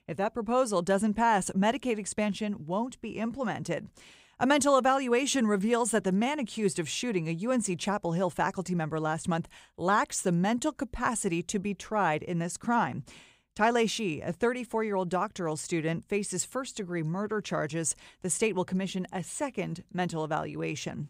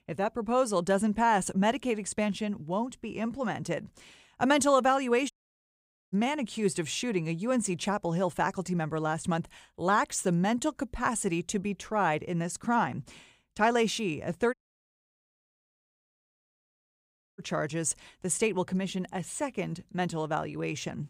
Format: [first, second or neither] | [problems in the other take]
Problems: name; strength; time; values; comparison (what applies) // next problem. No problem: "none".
first | audio cutting out; at 5.5 s for 1 s and at 15 s for 3 s